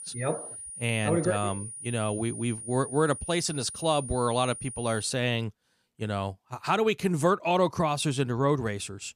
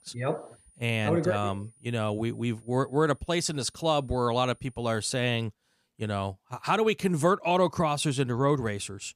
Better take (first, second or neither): second